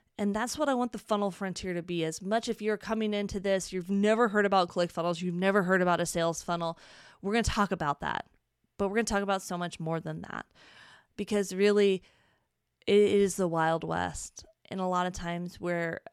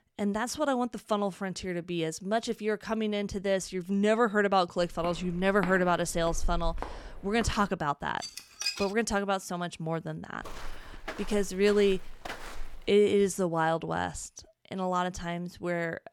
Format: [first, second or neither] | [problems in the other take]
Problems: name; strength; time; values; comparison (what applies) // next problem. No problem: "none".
first | footsteps; noticeable; from 5 to 7.5 s; peak 8 dB below the speech // clattering dishes; noticeable; at 8 s; peak 3 dB below the speech // footsteps; faint; from 10 to 13 s; peak 10 dB below the speech